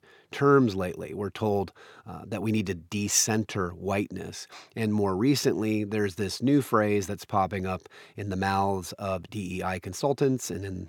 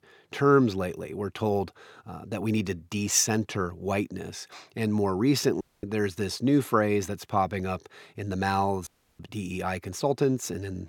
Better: first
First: none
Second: audio cutting out; at 5.5 s and at 9 s

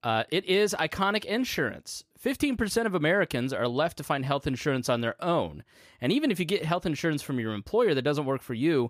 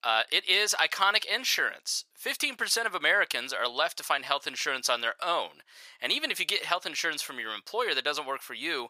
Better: first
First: none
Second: thin; very; fading below 950 Hz

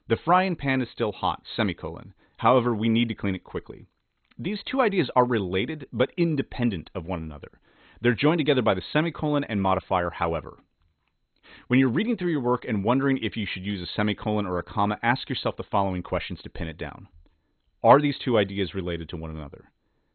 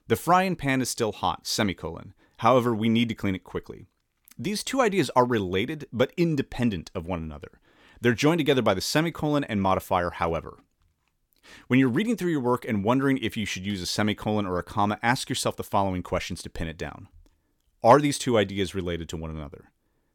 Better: second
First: garbled, watery; badly; nothing above 4 kHz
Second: none

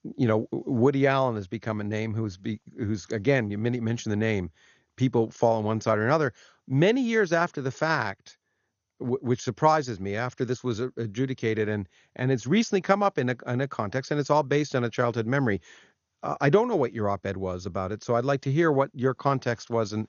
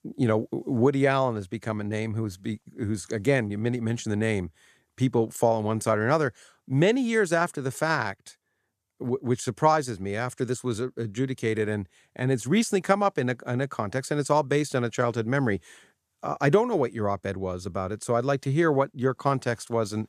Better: second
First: garbled, watery; slightly; nothing above 6.5 kHz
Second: none

